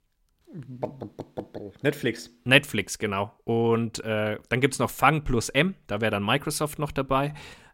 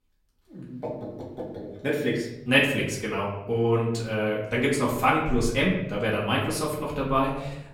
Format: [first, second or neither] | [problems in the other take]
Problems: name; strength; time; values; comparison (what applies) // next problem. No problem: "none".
first | off-mic speech; far // room echo; noticeable; dies away in 0.8 s